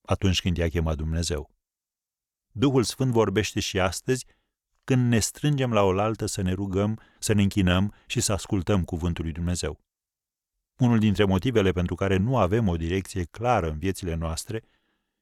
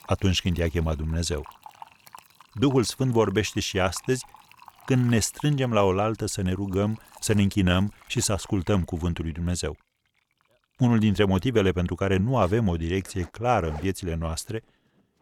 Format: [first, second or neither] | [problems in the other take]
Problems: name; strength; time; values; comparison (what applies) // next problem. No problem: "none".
first | household noises; faint; throughout; 25 dB below the speech